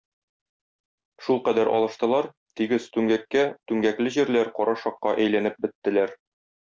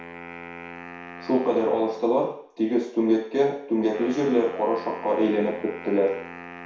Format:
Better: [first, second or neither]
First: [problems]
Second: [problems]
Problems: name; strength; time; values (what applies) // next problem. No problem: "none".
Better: first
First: none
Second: background sound (Wind instrument, woodwind instrument); 16 dB below the speech // room echo; dies away in 0.6 s